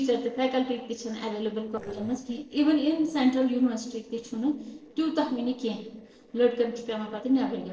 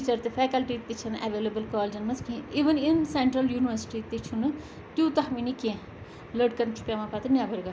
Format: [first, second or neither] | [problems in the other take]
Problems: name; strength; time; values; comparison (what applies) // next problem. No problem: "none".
second | noise reduction (neural separator model SepFormer DNS4)